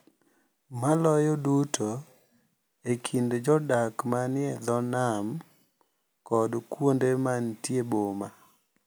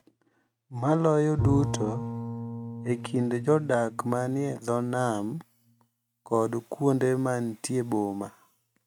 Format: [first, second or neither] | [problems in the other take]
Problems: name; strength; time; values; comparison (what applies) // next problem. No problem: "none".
first | noise reduction (neural mask model RNNoise)